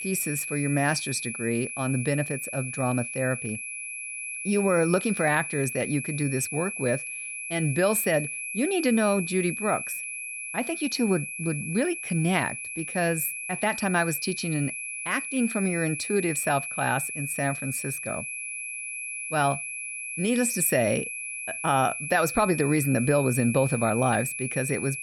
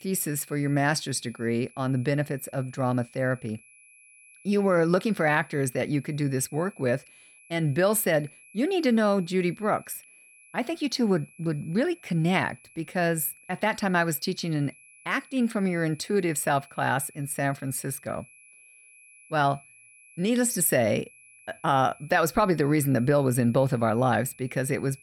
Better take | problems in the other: second | high-pitched whine; loud; throughout; 2.5 kHz, 5 dB below the speech; faint in the second

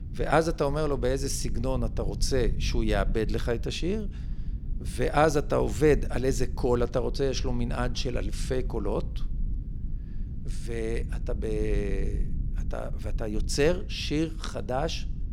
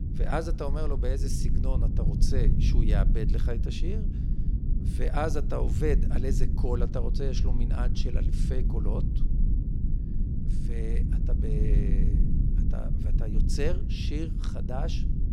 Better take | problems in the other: first | low rumble; loud; throughout; 6 dB below the speech; faint in the first

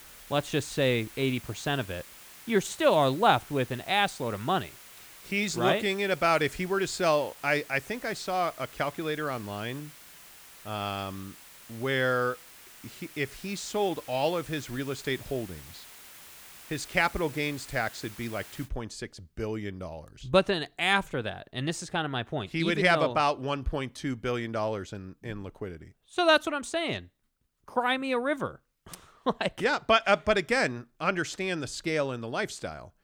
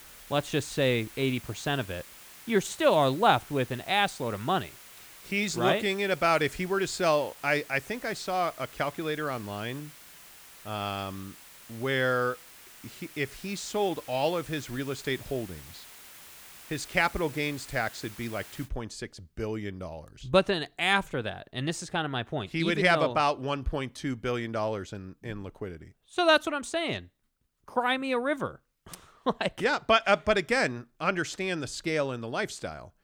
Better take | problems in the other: neither | hiss; noticeable; until 19 s; 20 dB below the speech; the same in both

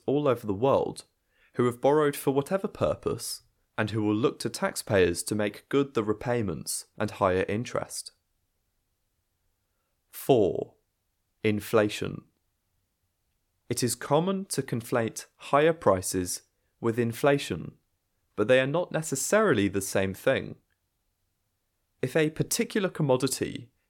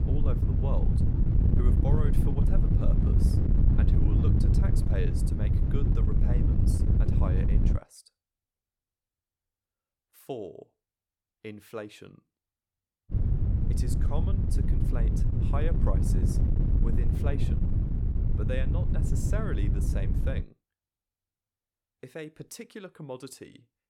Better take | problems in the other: first | wind noise on the microphone; heavy; until 8 s and from 13 to 20 s; 2 dB above the speech

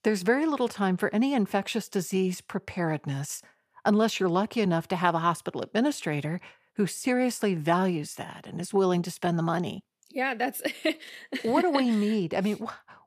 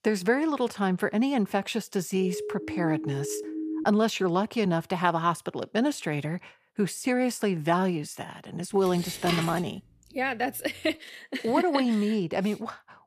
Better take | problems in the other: first | siren; noticeable; from 2 to 4 s; peak 5 dB below the speech // clattering dishes; noticeable; at 9 s; peak 3 dB below the speech

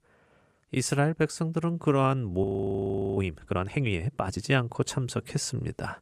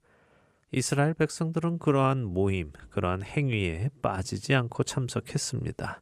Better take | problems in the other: second | audio freezing; at 2.5 s for 0.5 s

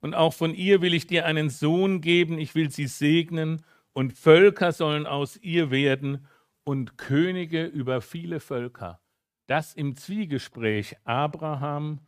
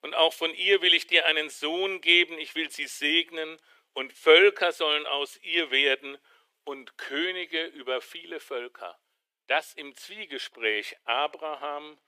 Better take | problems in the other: first | thin; very; fading below 400 Hz

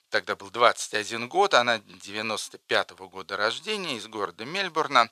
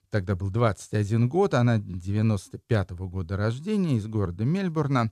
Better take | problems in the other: second | thin; very; fading below 750 Hz

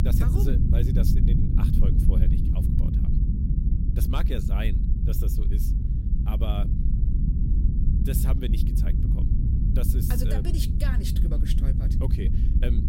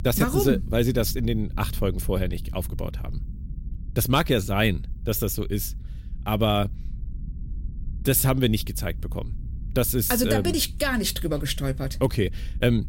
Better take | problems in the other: second | low rumble; loud; throughout; as loud as the speech; faint in the second

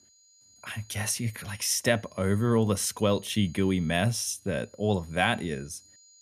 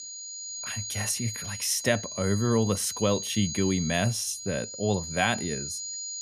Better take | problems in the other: first | high-pitched whine; loud; throughout; 6.5 kHz, 6 dB below the speech; faint in the first

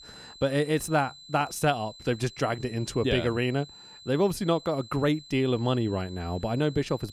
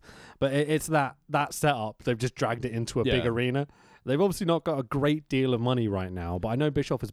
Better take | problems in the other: second | high-pitched whine; noticeable; throughout; 4 kHz, 20 dB below the speech

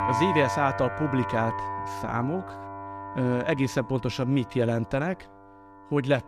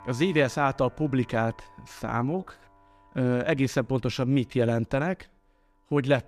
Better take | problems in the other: second | background music; loud; throughout; 6 dB below the speech; faint in the second

